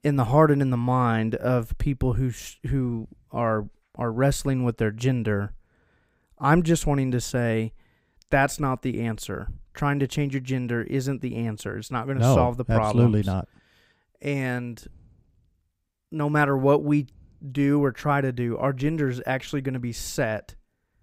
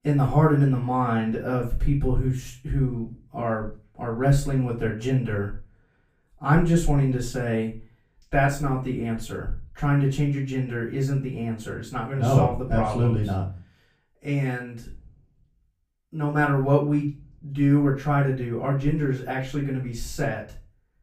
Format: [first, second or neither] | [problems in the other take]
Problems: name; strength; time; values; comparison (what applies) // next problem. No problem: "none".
first | off-mic speech; far // room echo; slight; dies away in 0.3 s